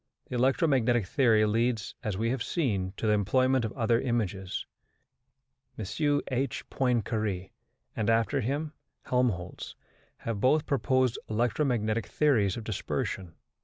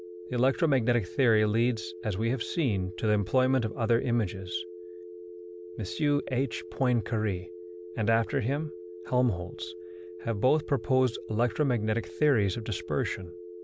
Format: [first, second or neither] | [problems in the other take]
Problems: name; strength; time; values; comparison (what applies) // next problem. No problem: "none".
first | background sound (Telephone); 14 dB below the speech